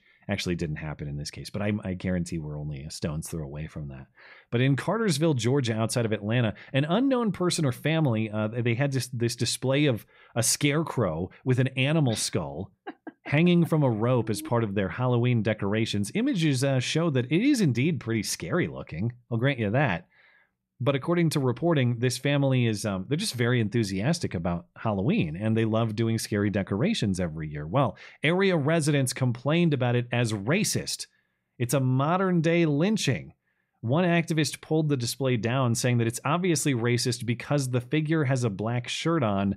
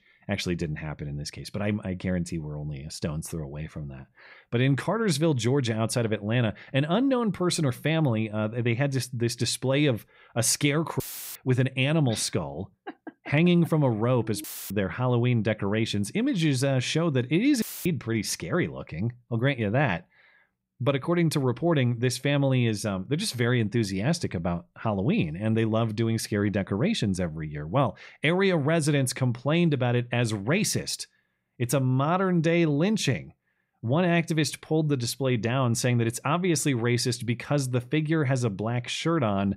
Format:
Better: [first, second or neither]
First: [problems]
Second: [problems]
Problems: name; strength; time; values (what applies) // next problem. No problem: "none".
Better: first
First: none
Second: audio cutting out; filled with static; at 11 s, at 14 s and at 18 s